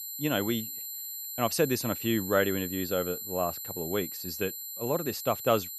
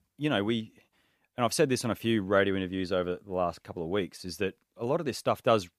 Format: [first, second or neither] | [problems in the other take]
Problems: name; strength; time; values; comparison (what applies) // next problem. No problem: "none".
second | high-pitched whine; loud; throughout; 12 kHz, 5 dB below the speech